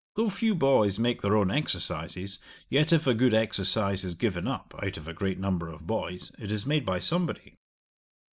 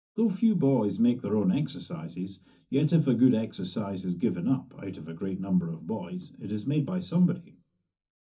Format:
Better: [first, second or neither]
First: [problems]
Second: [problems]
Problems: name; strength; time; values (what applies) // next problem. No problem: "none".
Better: first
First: none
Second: room echo; dies away in 0.3 s